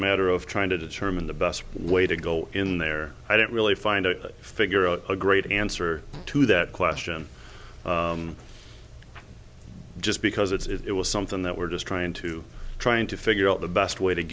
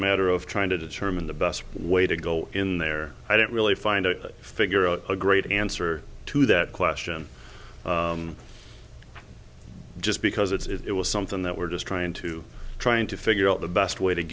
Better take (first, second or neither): second